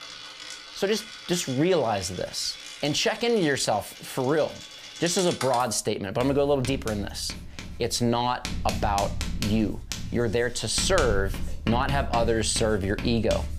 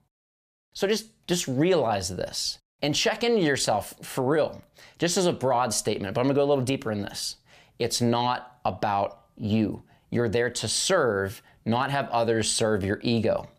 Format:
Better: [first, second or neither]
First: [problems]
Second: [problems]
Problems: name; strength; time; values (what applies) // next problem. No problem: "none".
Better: second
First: household noises; loud; throughout; 9 dB below the speech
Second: none